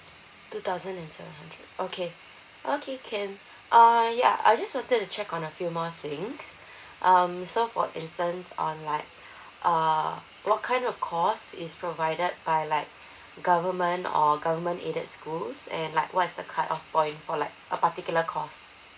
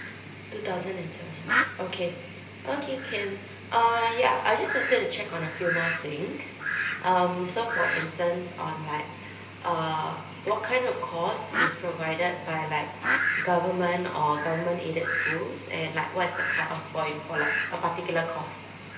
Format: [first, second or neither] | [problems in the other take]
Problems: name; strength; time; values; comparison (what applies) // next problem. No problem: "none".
first | background sound (Fowl); 4 dB below the speech // room echo; dies away in 0.8 s